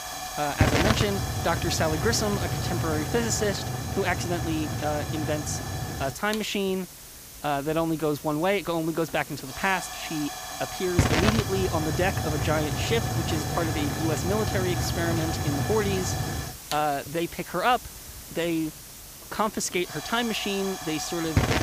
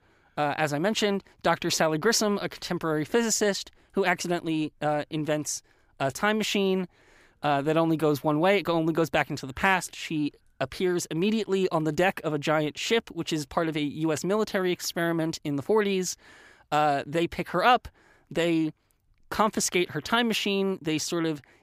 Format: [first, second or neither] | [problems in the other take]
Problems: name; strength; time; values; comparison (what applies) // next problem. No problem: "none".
second | hiss; loud; throughout; 1 dB below the speech